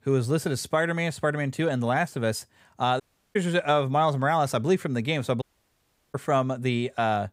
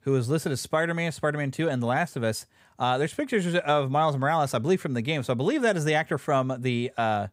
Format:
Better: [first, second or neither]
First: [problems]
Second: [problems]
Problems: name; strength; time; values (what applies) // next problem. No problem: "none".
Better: second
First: audio cutting out; at 3 s and at 5.5 s for 0.5 s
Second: none